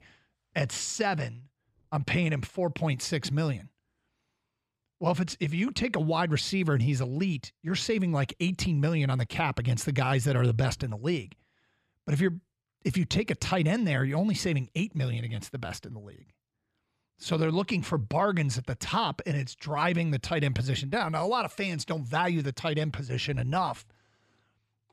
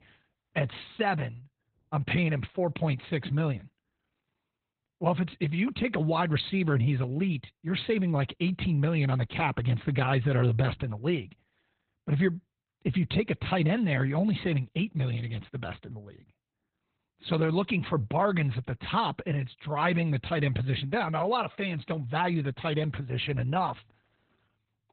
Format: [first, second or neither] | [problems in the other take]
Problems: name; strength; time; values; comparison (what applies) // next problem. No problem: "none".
first | garbled, watery; badly; nothing above 4 kHz